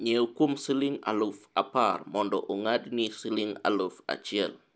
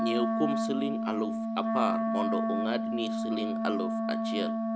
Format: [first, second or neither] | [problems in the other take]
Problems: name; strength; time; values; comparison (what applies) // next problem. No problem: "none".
first | background sound (Wind instrument, woodwind instrument); 4 dB above the speech